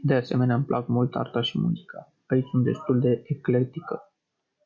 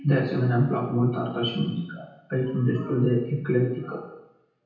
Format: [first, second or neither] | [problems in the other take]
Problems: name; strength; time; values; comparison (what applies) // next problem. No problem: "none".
first | room echo; dies away in 0.9 s